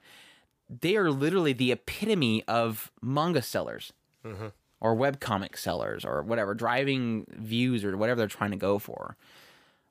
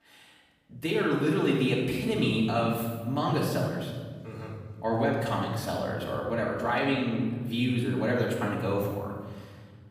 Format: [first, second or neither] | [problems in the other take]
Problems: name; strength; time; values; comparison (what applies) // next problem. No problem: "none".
first | off-mic speech; far // room echo; noticeable; dies away in 2 s